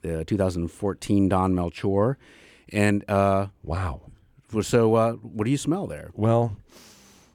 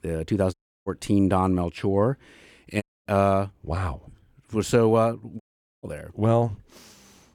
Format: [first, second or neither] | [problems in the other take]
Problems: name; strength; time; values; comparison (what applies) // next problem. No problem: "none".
first | audio cutting out; at 0.5 s, at 3 s and at 5.5 s